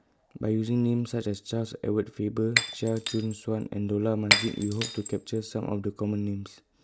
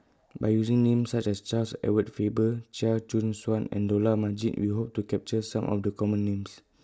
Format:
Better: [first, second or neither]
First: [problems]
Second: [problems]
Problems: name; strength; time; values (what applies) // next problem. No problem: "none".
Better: second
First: background sound (Shatter); 2 dB below the speech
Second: none